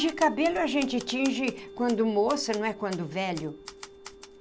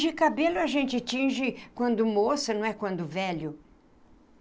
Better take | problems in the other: second | background sound (Organ + Typewriter); 15 dB below the speech

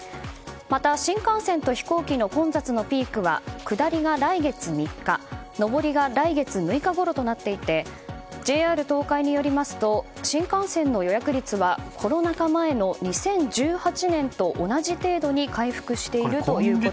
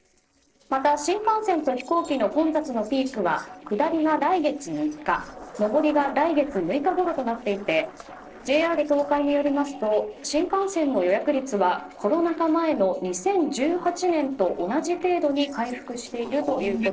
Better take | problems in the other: first | noise reduction (neural separator model SepFormer DNS4)

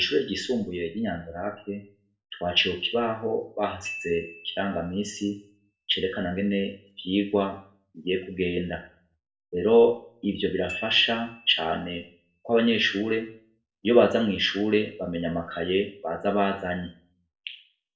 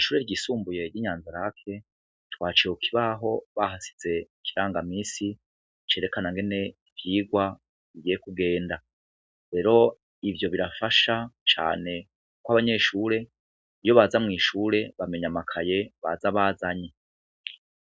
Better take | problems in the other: second | background sound (Glockenspiel); 18 dB below the speech // room echo; dies away in 0.4 s

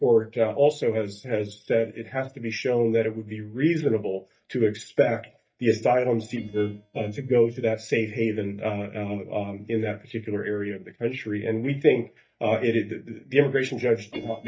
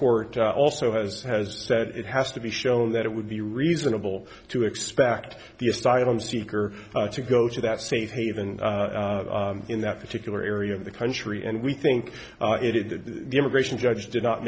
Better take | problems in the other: second | noise reduction (neural mask model DeepFilterNet 3)

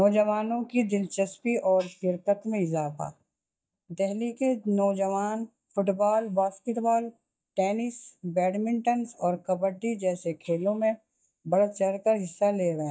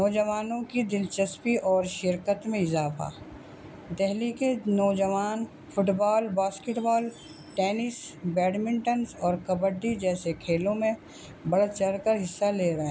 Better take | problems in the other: second | noise reduction (neural mask model DeepFilterNet 3)

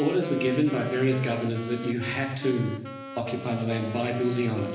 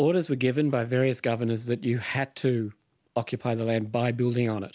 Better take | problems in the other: second | background sound (Wind instrument, woodwind instrument); 11 dB below the speech // room echo; dies away in 1 s

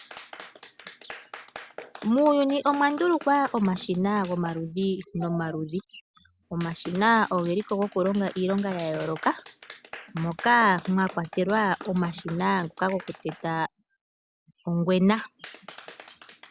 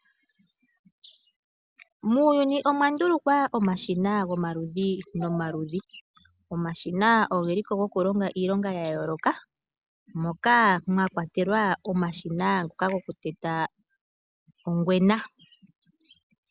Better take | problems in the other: second | background sound (Clapping); 19 dB below the speech

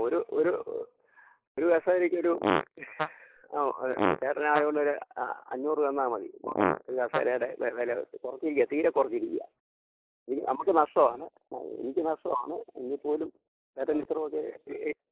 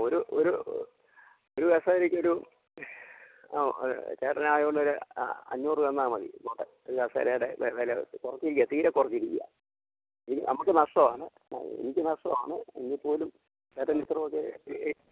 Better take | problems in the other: second | noise reduction (neural mask model Resemble Enhance denoiser)

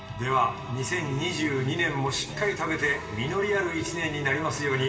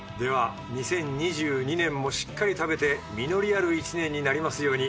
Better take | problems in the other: second | room echo; dies away in 2.2 s

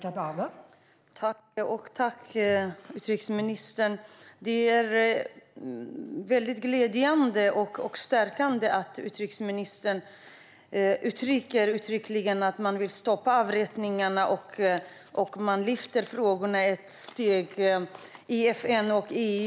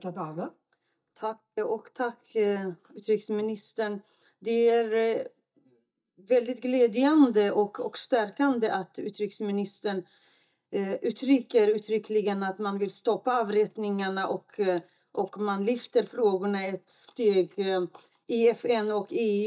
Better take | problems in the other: first | noise reduction (neural mask model DeepFilterNet 3)

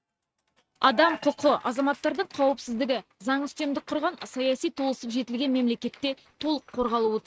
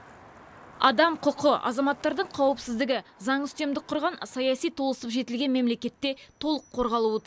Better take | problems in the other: second | noise reduction (neural mask model RNNoise)

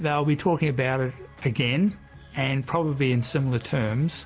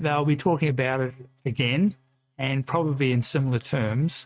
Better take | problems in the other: first | noise reduction (neural mask model RNNoise)

